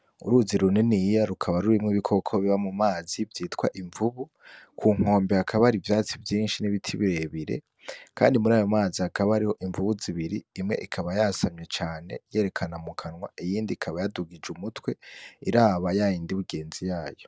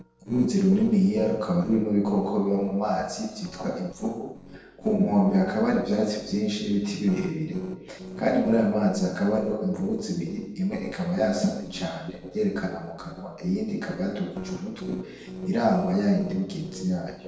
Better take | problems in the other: first | noise reduction (neural separator model SepFormer DNS4)

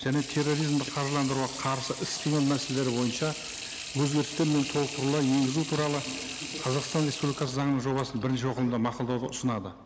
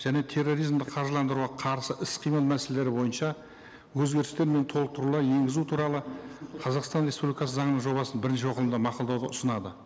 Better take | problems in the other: second | background sound (Sink (filling or washing) / Water tap, faucet); 11 dB below the speech

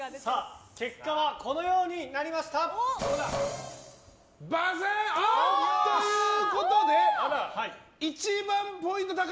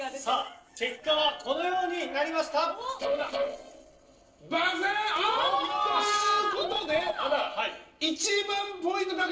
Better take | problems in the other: first | noise reduction (neural separator model SepFormer DNS4)

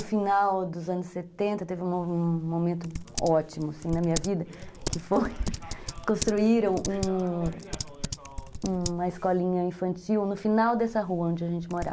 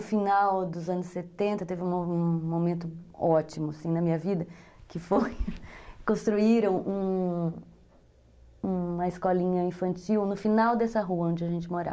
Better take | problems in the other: second | background sound (Typing); 11 dB below the speech

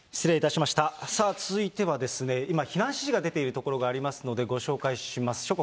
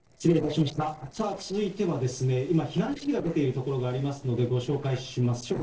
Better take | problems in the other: first | noise reduction (neural separator model SepFormer DNS4)

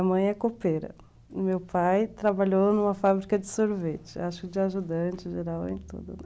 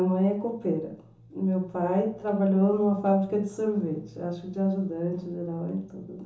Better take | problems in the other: first | room echo; dies away in 1.2 s

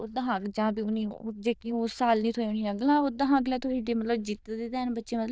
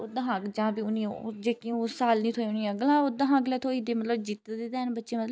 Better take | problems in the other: second | noise reduction (neural diffusion model UNIVERSE++)

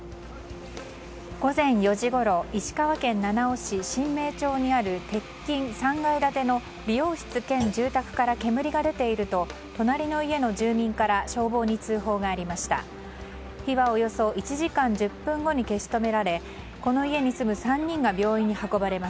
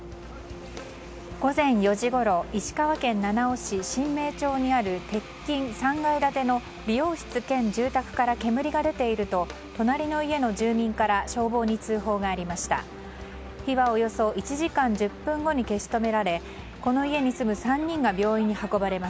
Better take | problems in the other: second | background sound (Thump, thud); 17 dB below the speech

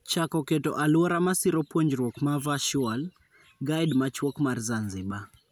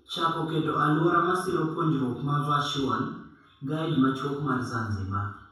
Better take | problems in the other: first | room echo; dies away in 0.7 s

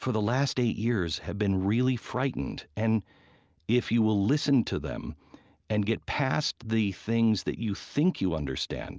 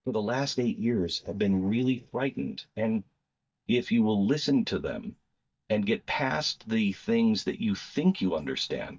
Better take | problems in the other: first | noise reduction (neural mask model DeepFilterNet 3)

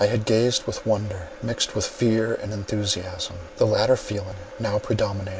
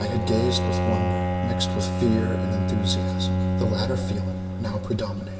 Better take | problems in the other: first | background sound (Bowed string instrument); 2 dB above the speech // room echo; dies away in 1.3 s

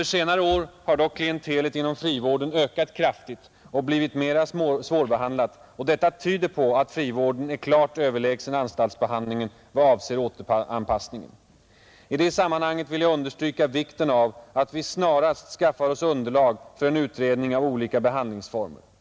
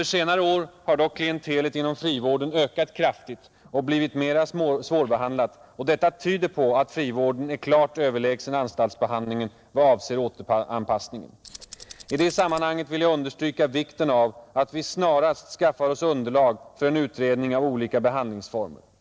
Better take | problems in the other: first | noise reduction (neural separator model SepFormer DNS4)

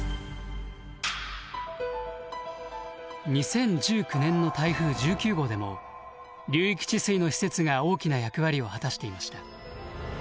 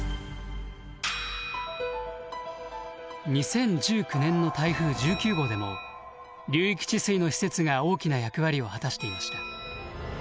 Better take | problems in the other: first | background sound (Bell); 15 dB below the speech

